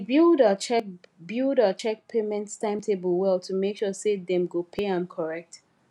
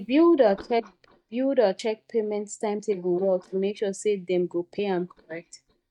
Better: first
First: none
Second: noise reduction (neural mask model DeepFilterNet 3)

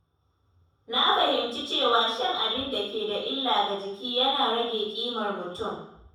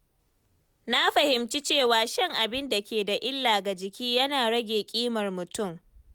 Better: second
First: room echo; dies away in 0.7 s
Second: none

